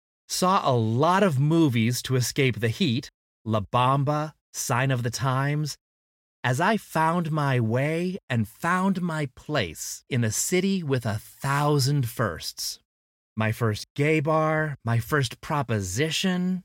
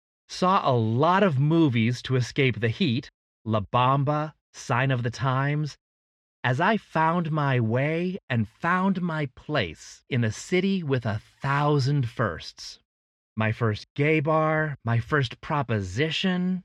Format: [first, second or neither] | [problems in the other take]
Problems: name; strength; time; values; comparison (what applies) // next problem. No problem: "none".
first | muffled; slightly; fading above 3 kHz